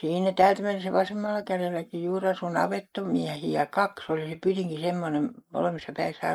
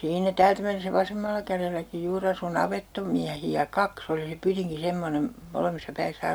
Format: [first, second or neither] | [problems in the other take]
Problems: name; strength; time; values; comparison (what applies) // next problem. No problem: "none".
second | noise reduction (neural mask model Resemble Enhance denoiser)